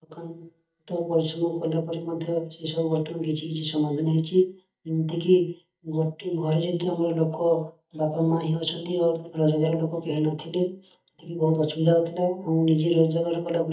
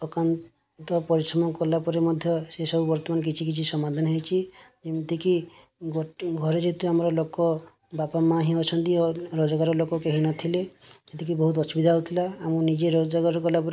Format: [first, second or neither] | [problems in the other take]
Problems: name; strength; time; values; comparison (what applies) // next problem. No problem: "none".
second | noise reduction (neural mask model DeepFilterNet 3)